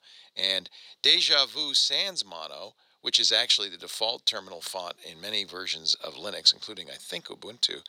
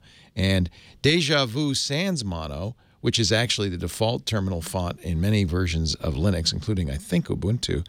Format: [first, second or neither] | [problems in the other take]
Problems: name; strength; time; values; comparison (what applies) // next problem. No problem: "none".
second | thin; very; fading below 650 Hz